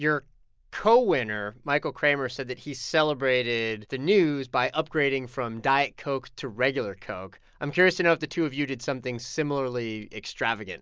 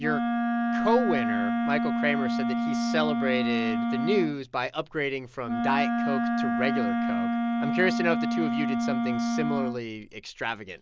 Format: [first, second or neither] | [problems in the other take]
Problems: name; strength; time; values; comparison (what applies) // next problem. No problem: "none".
first | background sound (Wind instrument, woodwind instrument); 3 dB above the speech